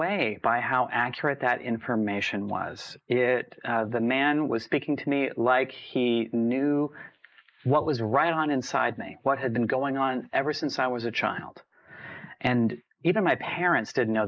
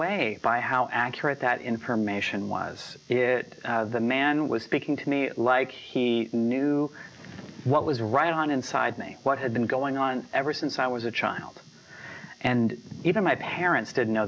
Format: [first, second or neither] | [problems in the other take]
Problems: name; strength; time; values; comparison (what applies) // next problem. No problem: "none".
second | noise reduction (neural mask model Resemble Enhance denoiser)